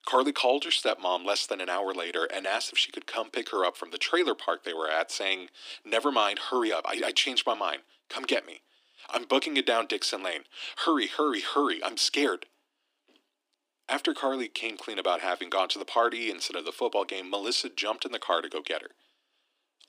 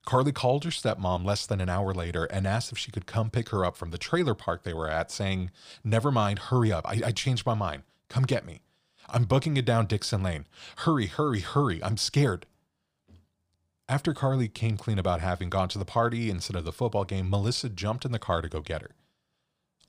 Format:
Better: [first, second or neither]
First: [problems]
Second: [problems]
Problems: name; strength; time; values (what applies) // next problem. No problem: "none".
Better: second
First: thin; somewhat; fading below 250 Hz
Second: none